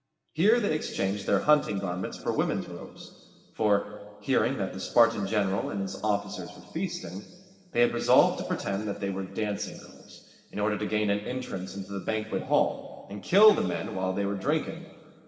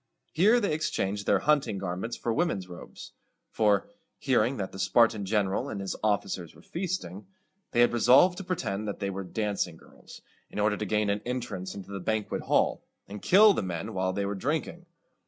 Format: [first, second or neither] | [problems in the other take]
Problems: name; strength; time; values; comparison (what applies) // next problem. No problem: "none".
second | room echo; dies away in 2 s